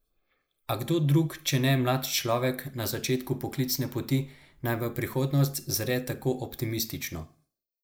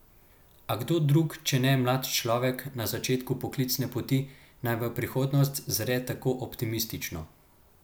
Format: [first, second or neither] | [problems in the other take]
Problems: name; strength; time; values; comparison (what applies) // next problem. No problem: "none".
second | noise reduction (neural mask model Resemble Enhance denoiser)